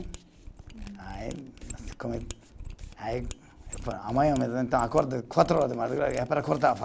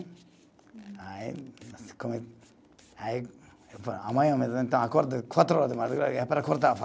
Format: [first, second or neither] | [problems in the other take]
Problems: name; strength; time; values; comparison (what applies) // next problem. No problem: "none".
second | background sound (Mechanisms); 14 dB below the speech